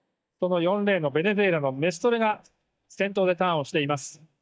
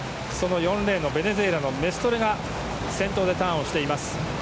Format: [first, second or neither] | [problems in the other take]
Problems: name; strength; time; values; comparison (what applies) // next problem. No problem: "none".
second | noise reduction (neural mask model DeepFilterNet 3)